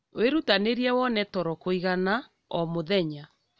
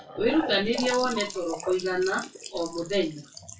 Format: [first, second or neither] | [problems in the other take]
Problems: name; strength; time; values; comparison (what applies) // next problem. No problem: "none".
first | noise reduction (classical method WPE with log-MMSE)